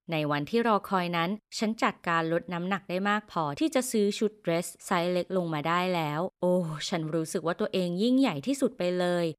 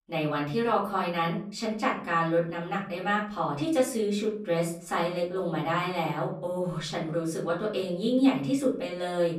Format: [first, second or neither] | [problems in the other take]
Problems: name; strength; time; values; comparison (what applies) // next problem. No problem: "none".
first | off-mic speech; far // room echo; slight; dies away in 0.4 s